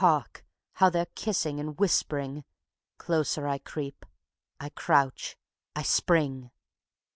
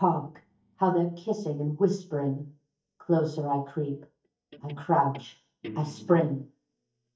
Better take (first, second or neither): first